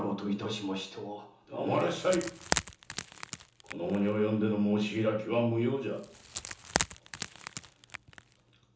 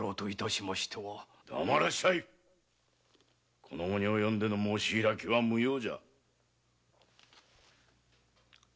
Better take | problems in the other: second | background sound (Wood); 7 dB below the speech // room echo; dies away in 1.2 s

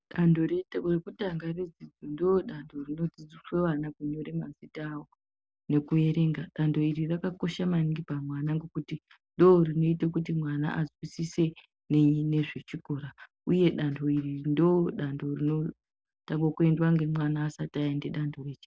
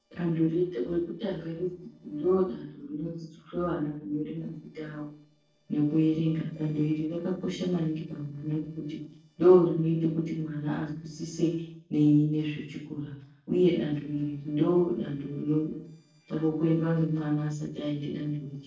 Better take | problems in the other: first | noise reduction (neural separator model SepFormer DNS4)

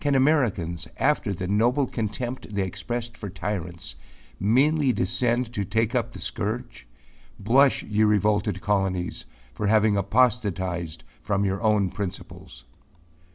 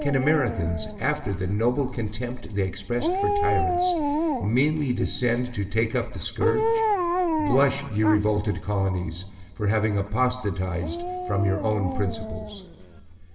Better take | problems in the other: first | background sound (Dog); 4 dB below the speech // room echo; dies away in 1.9 s

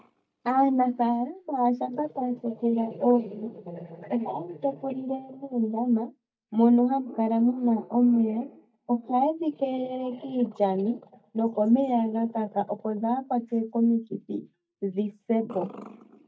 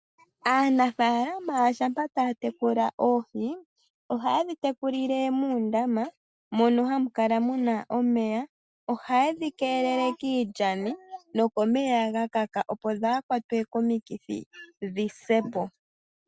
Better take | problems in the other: second | noise reduction (neural mask model DeepFilterNet 3)

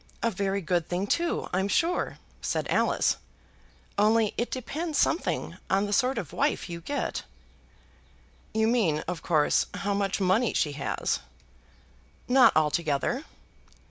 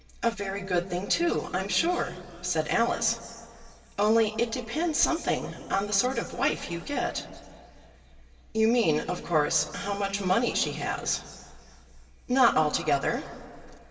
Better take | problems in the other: first | room echo; dies away in 2.4 s

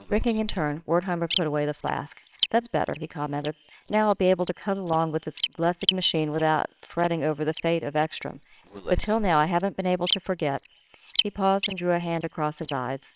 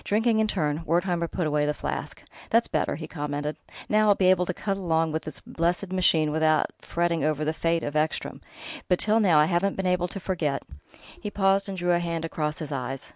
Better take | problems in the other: second | noise reduction (neural separator model SepFormer WHAMR!)

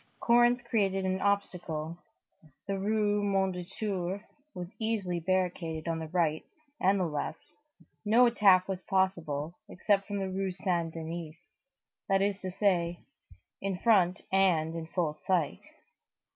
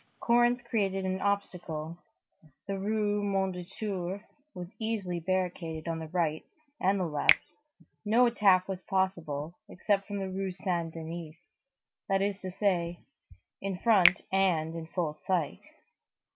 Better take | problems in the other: first | background sound (Finger snapping); 5 dB below the speech

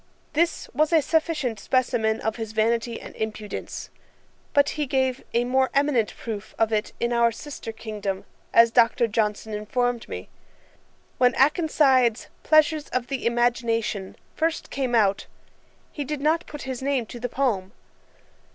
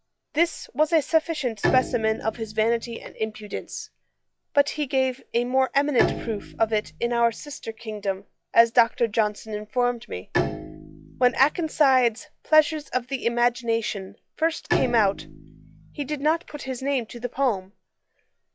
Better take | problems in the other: first | noise reduction (classical method log-MMSE)

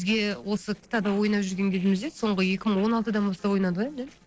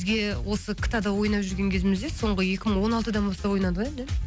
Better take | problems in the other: second | noise reduction (neural separator model SepFormer DNS4)

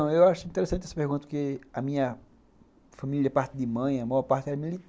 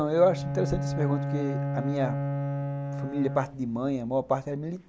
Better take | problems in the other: first | background sound (Bowed string instrument); 3 dB below the speech

